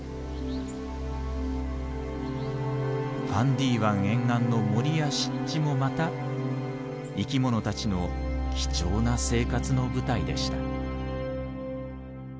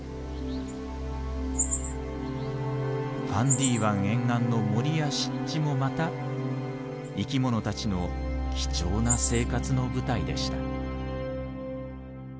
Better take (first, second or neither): first